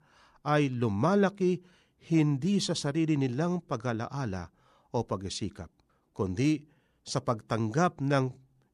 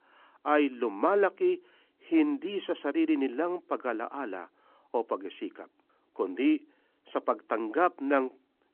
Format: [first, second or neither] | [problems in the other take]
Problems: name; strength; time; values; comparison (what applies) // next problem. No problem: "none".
first | phone-call audio